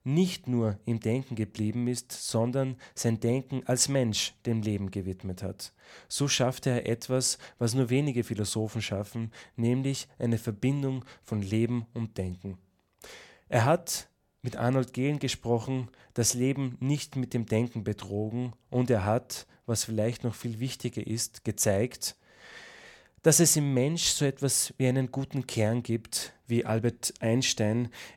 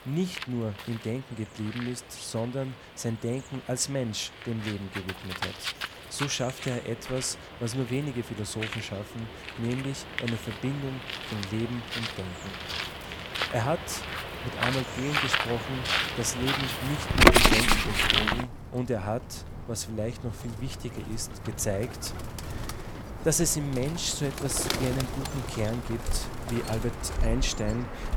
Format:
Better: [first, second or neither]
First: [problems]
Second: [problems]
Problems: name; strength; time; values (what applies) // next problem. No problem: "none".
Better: first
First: none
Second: animal sounds; very loud; throughout; 3 dB above the speech